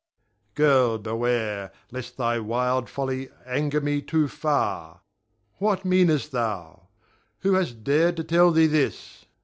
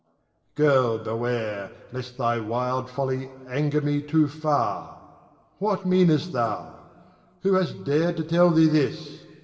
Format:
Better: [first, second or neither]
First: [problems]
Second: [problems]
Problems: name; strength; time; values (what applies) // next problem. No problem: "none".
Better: first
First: none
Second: room echo; dies away in 1.6 s